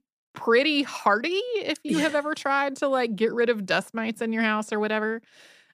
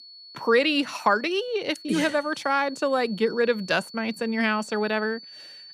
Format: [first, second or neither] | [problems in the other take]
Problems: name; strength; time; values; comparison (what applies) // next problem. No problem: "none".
first | high-pitched whine; noticeable; throughout; 4.5 kHz, 20 dB below the speech